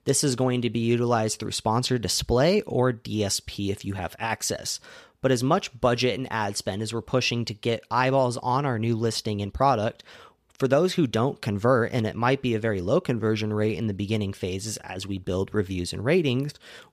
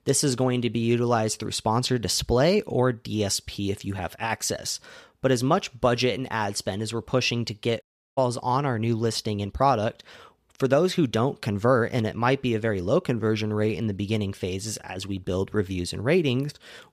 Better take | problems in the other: first | audio cutting out; at 8 s

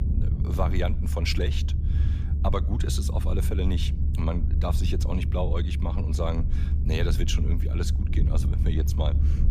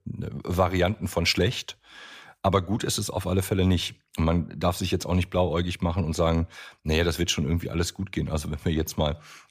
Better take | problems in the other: second | low rumble; loud; throughout; 8 dB below the speech

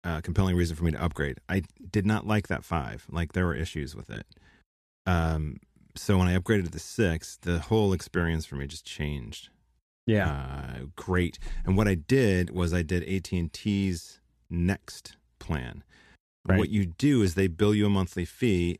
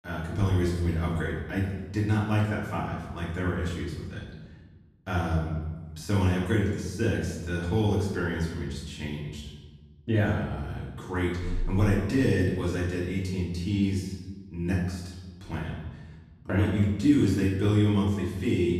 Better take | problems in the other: first | off-mic speech; far // room echo; noticeable; dies away in 1 s

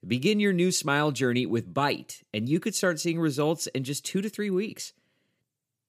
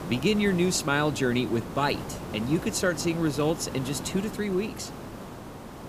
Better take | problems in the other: first | hiss; noticeable; throughout; 10 dB below the speech

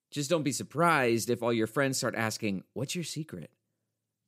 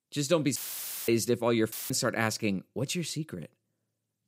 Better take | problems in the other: first | audio cutting out; filled with static; at 0.5 s for 0.5 s and at 1.5 s

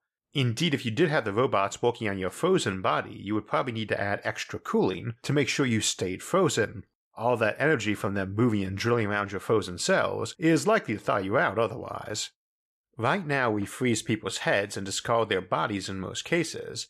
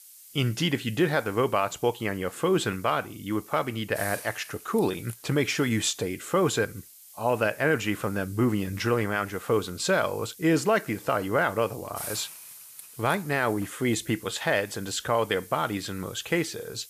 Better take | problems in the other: first | hiss; noticeable; throughout; 15 dB below the speech

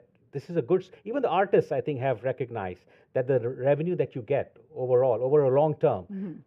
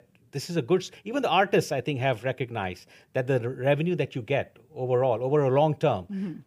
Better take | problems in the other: second | muffled; very; fading above 3 kHz

